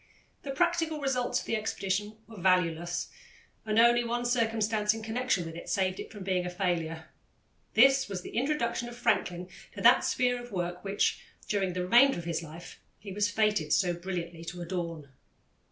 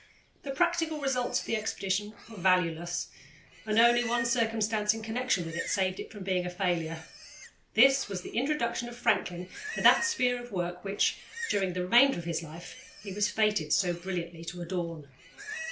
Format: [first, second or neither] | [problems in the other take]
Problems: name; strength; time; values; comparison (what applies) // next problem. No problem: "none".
first | background sound (Livestock, farm animals, working animals); 14 dB below the speech